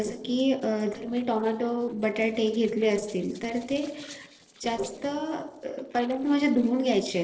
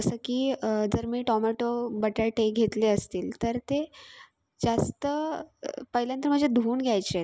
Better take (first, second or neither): second